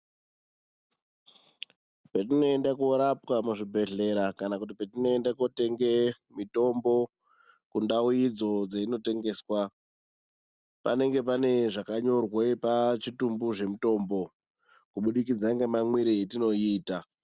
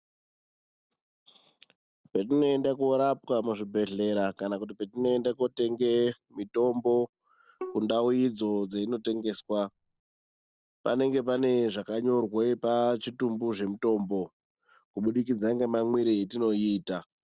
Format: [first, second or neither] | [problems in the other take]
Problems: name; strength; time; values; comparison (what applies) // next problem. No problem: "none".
first | noise reduction (neural separator model SepFormer DNS4)